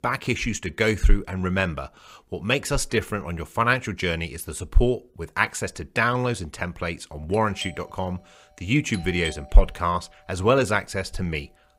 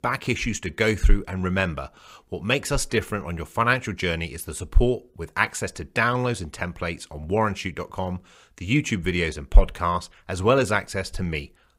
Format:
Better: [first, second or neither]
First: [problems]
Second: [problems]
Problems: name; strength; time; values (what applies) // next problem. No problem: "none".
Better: second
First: doorbell; faint; from 7.5 to 9.5 s; peak 10 dB below the speech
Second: none